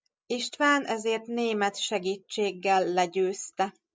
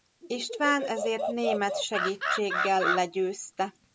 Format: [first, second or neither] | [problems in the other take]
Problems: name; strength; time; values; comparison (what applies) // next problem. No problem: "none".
first | background sound (Animal); 3 dB below the speech